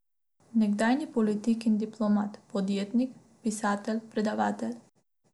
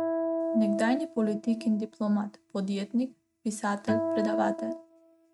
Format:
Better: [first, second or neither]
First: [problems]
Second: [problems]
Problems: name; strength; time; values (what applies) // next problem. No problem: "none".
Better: first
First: none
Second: noise reduction (neural mask model RNNoise)